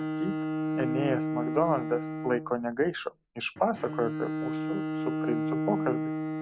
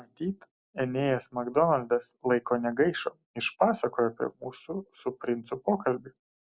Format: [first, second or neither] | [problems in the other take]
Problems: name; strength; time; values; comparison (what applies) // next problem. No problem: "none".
second | background sound (Bowed string instrument); as loud as the speech